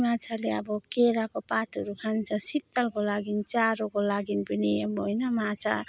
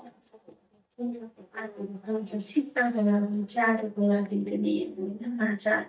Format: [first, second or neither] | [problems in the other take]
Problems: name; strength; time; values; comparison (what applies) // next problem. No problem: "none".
first | noise reduction (neural mask model DeepFilterNet 3)